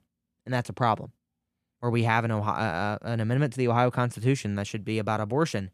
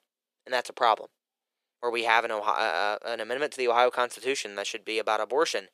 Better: first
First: none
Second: thin; very; fading below 450 Hz

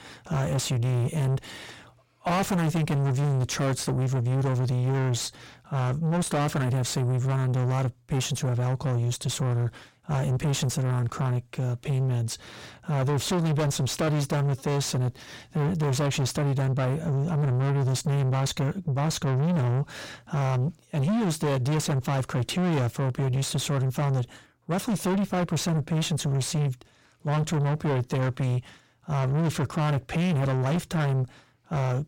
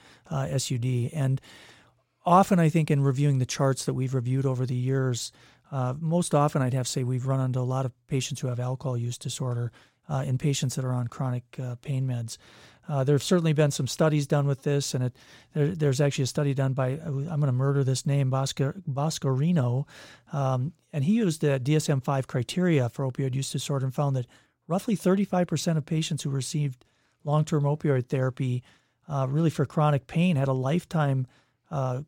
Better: second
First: distortion; heavy; 6 dB below the speech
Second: none

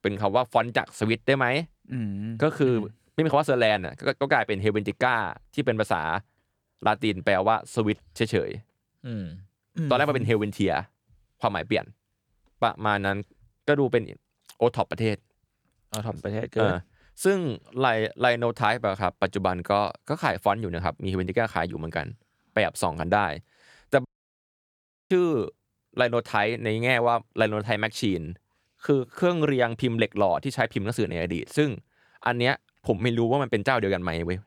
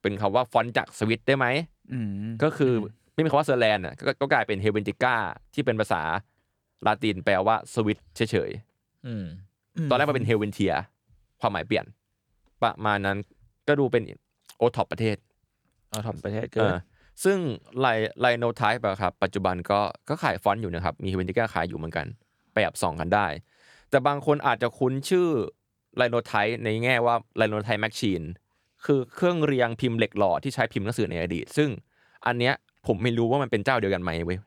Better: second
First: audio cutting out; at 24 s for 1 s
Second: none

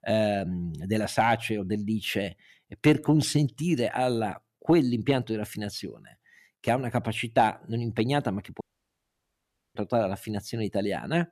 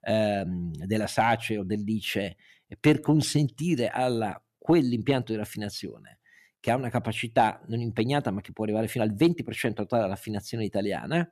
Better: second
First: audio cutting out; at 8.5 s for 1 s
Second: none

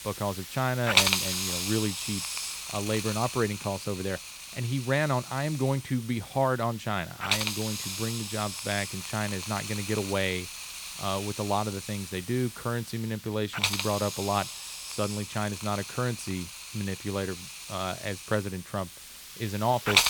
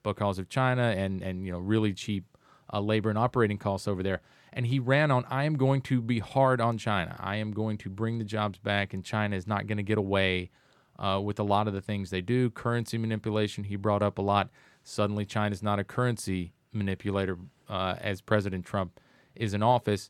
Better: second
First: hiss; loud; throughout; 1 dB below the speech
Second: none

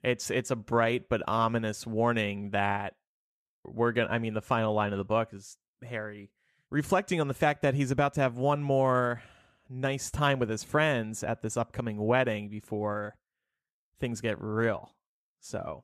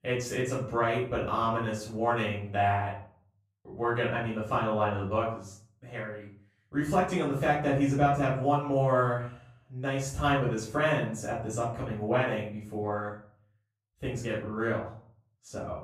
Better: first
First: none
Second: off-mic speech; far // room echo; noticeable; dies away in 0.5 s

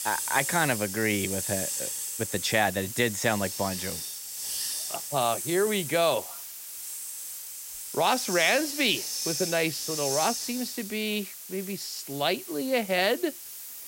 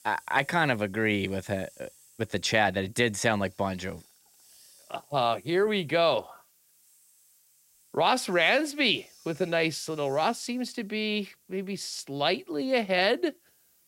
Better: second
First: hiss; loud; throughout; 5 dB below the speech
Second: hiss; faint; throughout; 30 dB below the speech

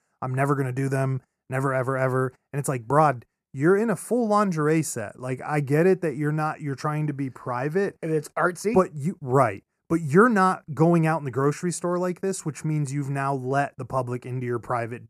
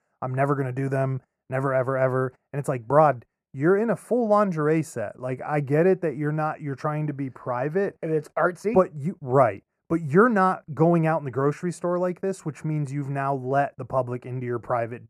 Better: first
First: none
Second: muffled; slightly; fading above 3.5 kHz

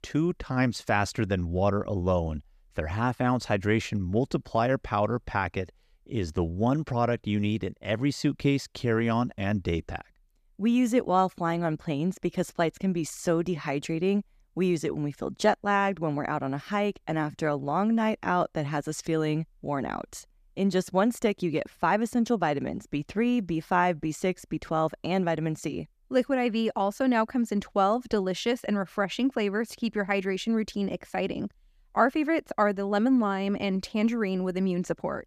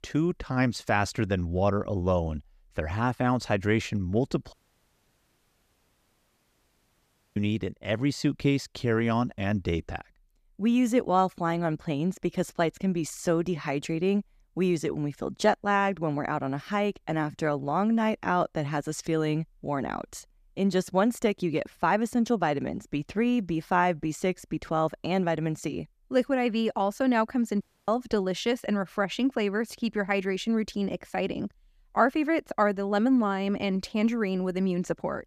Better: first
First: none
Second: audio cutting out; at 4.5 s for 3 s and at 28 s

